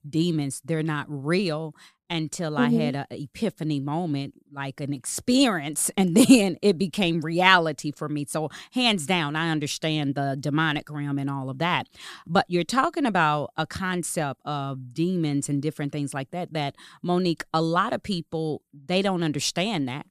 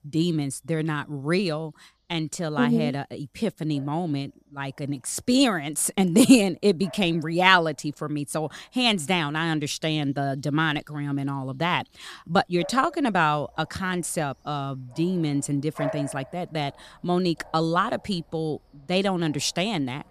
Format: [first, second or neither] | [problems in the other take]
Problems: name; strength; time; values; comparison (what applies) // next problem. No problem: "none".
first | animal sounds; noticeable; throughout; 20 dB below the speech